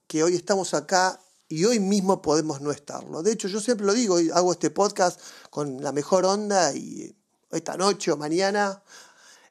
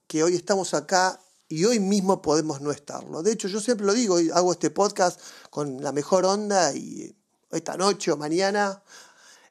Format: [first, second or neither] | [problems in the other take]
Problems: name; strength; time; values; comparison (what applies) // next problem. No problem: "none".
neither | none